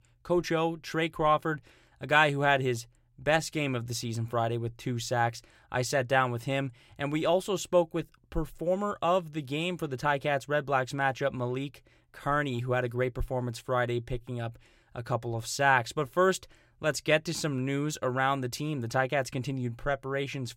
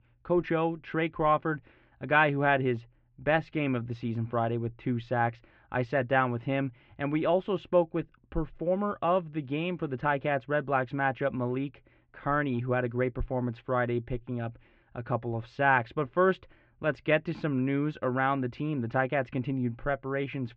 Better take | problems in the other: first | muffled; very; fading above 2.5 kHz

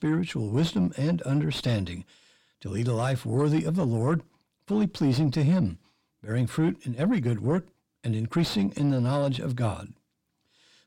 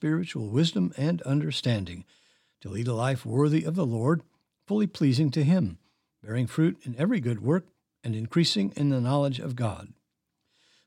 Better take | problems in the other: second | distortion; slight; 10 dB below the speech

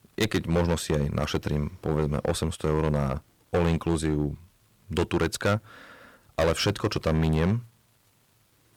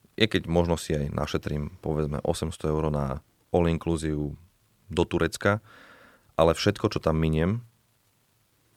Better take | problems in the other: second | distortion; heavy; 8% of the sound clipped

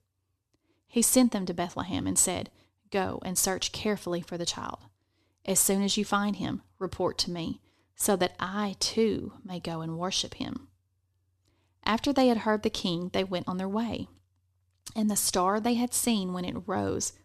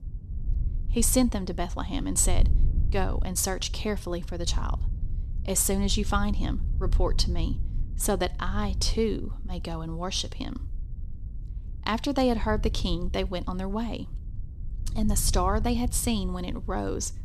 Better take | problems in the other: first | wind noise on the microphone; occasional gusts; 20 dB below the speech

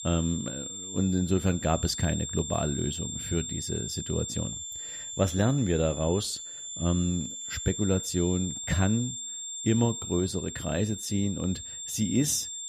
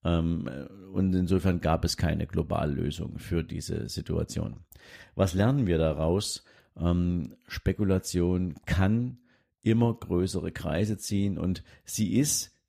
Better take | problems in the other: second | high-pitched whine; loud; throughout; 7.5 kHz, 6 dB below the speech

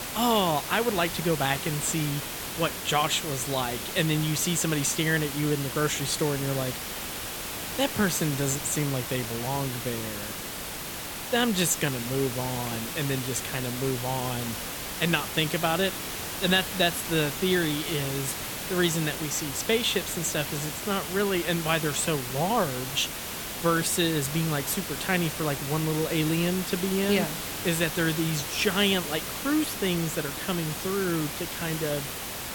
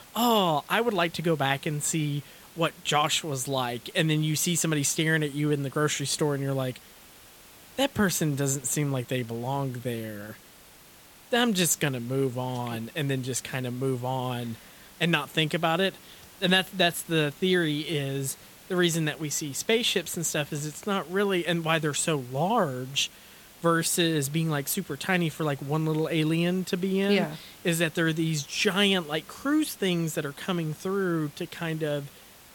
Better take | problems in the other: second | hiss; loud; throughout; 5 dB below the speech; faint in the second

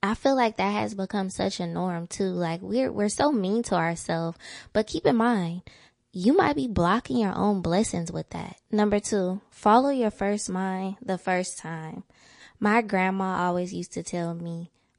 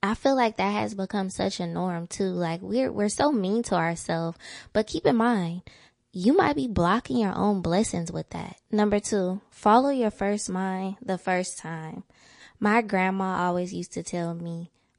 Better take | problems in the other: neither | garbled, watery; slightly; nothing above 10.5 kHz; the same in both

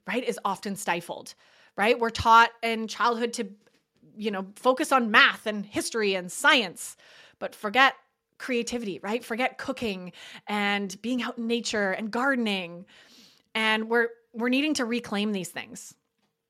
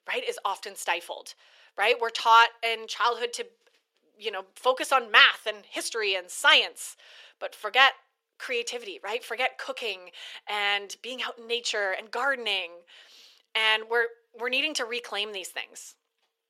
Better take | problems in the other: first | thin; very; fading below 400 Hz

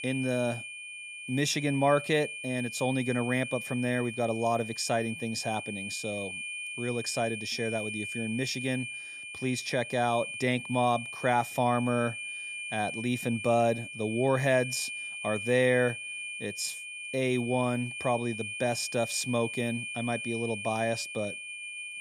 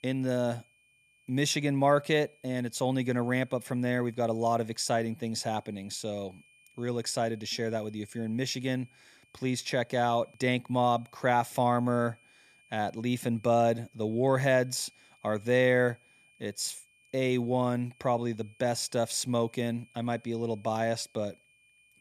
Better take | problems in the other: second | high-pitched whine; loud; throughout; 2.5 kHz, 7 dB below the speech; faint in the second

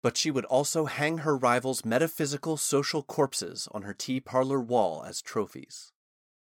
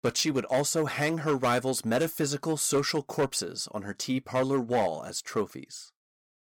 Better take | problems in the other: first | distortion; slight; 5% of the sound clipped

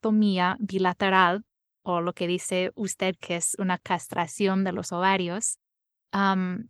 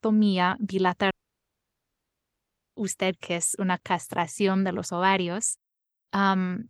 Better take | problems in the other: first | audio cutting out; at 1 s for 1.5 s

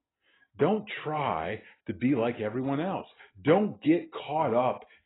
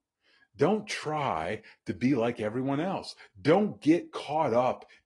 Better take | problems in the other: second | garbled, watery; badly; nothing above 4 kHz; slightly in the second

